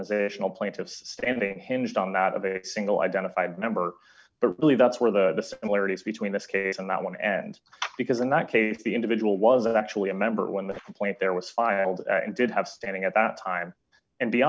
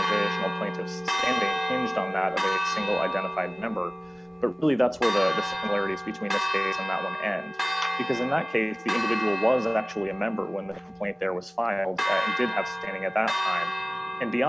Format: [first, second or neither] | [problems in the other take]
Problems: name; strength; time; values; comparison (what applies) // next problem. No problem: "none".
first | background sound (Church bell); 2 dB below the speech